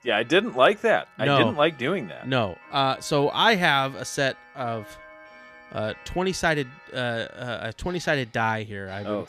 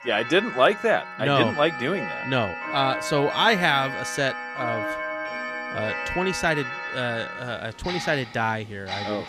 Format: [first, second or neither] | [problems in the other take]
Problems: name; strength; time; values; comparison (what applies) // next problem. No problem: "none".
first | household noises; loud; throughout; 6 dB below the speech; faint in the first